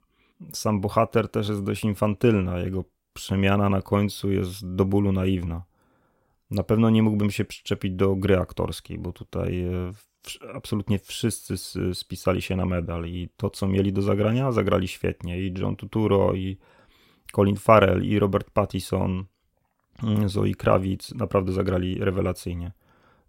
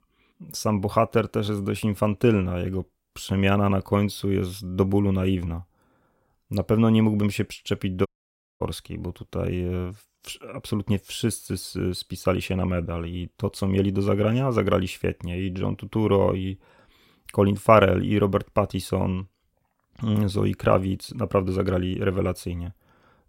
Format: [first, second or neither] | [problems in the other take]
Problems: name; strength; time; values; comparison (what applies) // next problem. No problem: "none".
first | audio cutting out; at 8 s for 0.5 s